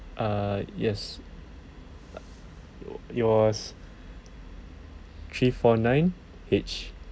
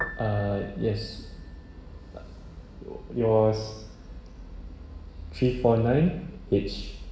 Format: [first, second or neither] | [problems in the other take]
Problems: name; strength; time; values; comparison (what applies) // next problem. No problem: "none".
first | background sound (Piano); 18 dB below the speech // room echo; dies away in 0.9 s